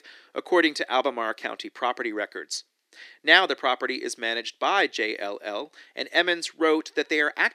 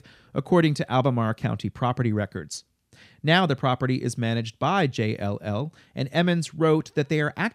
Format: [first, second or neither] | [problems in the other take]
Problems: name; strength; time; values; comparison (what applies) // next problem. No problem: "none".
second | thin; very; fading below 300 Hz